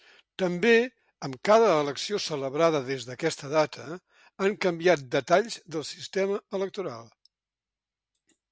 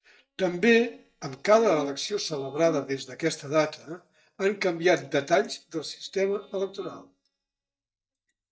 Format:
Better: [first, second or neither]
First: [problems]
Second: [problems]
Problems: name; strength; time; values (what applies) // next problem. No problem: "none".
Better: first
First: none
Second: noise reduction (neural mask model DeepFilterNet 3)